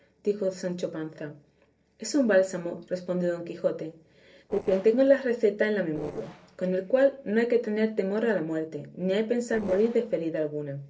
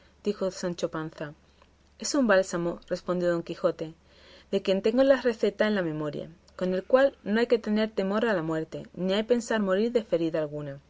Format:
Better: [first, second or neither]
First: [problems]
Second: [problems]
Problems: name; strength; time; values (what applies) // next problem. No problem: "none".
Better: second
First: noise reduction (neural separator model SepFormer DNS4)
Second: none